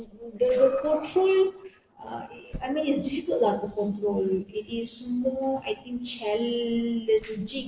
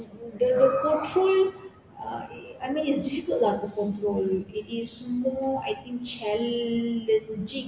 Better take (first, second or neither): second